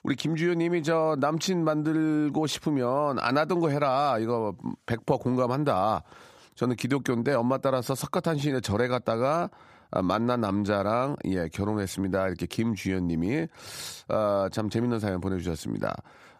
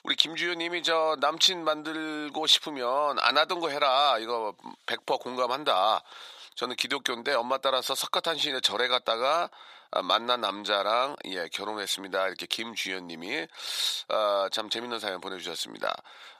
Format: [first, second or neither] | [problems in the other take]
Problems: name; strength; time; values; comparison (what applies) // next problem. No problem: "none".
first | thin; very; fading below 650 Hz